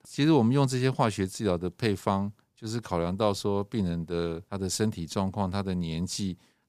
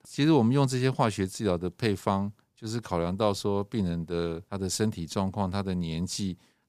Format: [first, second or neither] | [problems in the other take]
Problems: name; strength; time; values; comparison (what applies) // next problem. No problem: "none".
neither | none